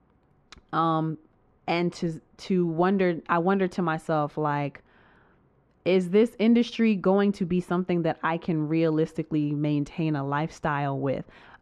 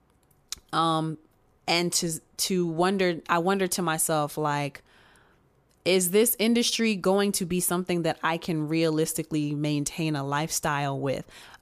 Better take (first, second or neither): second